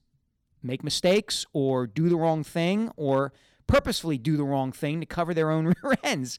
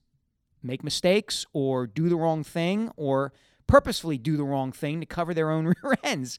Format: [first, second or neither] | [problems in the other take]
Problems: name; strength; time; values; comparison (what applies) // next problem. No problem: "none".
second | distortion; slight; 1.5% of the sound clipped